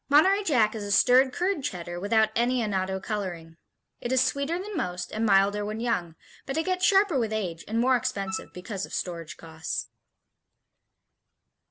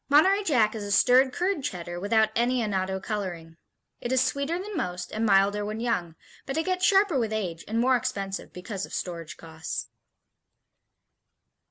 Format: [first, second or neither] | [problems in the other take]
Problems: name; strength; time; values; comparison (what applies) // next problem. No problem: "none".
second | background sound (Wind instrument, woodwind instrument); 15 dB below the speech